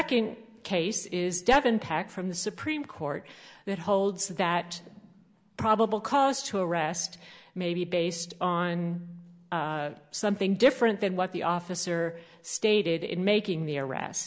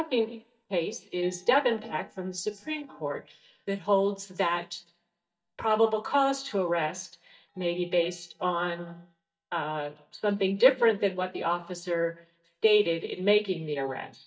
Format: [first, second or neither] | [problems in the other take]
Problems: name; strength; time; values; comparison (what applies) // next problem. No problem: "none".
first | noise reduction (neural mask model DeepFilterNet 3)